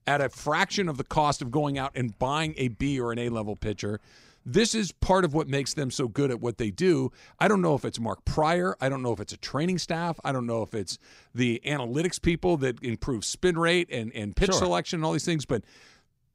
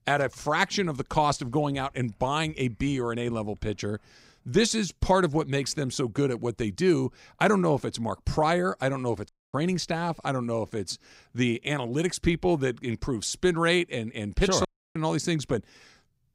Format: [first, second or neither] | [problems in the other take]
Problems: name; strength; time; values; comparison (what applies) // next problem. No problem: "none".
first | audio cutting out; at 9.5 s and at 15 s